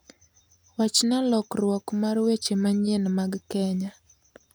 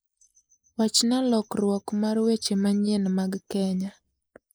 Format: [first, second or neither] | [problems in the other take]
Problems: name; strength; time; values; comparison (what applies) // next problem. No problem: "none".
first | noise reduction (neural mask model Resemble Enhance denoiser)